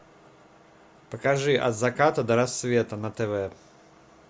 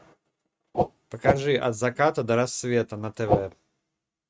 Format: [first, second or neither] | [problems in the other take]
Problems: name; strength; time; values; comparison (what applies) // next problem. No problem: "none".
first | noise reduction (neural mask model RNNoise)